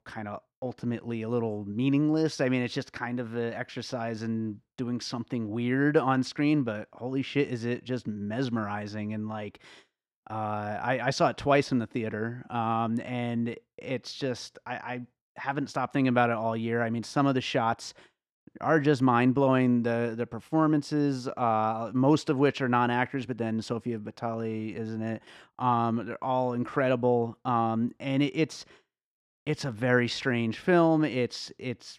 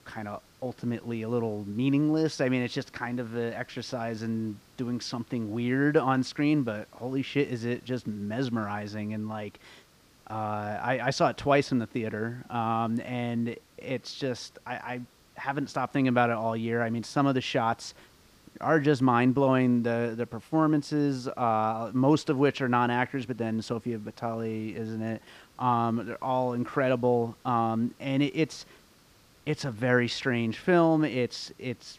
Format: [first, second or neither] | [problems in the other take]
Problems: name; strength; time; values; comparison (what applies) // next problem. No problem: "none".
first | hiss; faint; throughout; 30 dB below the speech